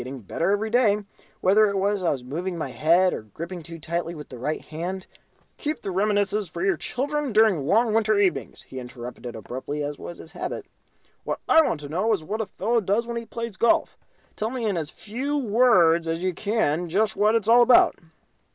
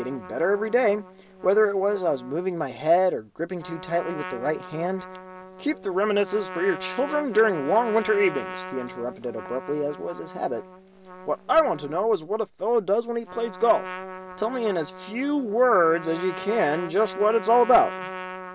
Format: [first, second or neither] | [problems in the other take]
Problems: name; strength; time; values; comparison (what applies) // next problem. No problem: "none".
first | background sound (Trumpet); 14 dB below the speech